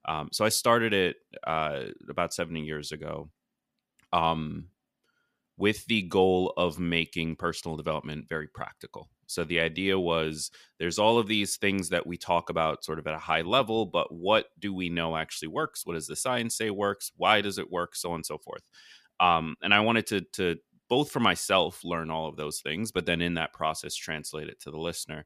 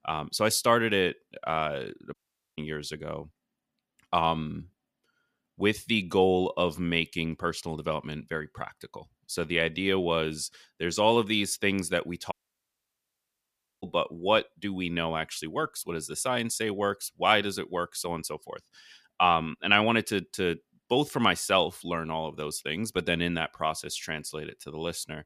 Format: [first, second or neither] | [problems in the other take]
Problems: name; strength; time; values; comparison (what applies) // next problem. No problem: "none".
first | audio cutting out; at 2 s and at 12 s for 1.5 s